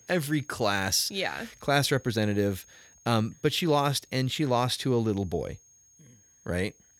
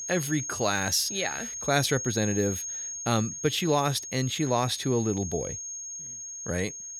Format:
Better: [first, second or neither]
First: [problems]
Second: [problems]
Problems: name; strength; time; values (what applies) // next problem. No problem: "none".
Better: first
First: high-pitched whine; faint; throughout; 6.5 kHz, 30 dB below the speech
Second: high-pitched whine; loud; throughout; 6.5 kHz, 6 dB below the speech